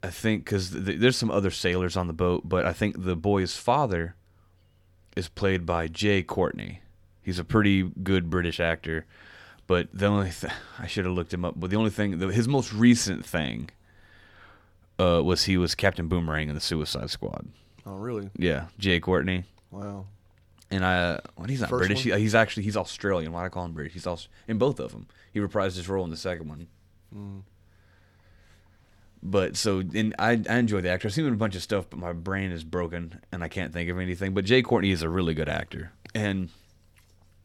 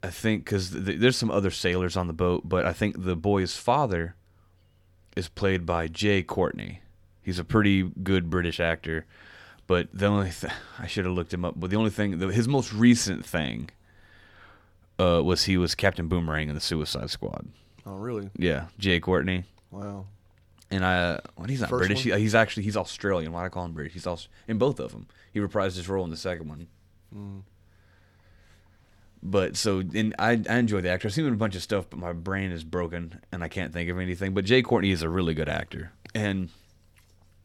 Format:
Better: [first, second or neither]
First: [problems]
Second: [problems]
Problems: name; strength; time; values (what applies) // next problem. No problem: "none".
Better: neither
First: none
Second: none